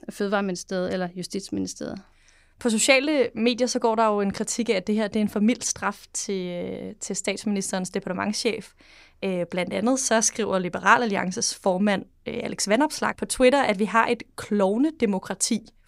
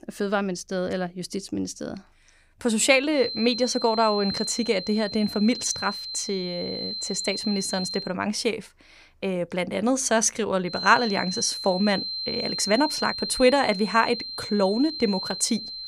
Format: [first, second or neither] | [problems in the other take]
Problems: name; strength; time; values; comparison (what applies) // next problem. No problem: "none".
first | high-pitched whine; loud; from 3 to 8 s and from 11 s on; 4 kHz, 6 dB below the speech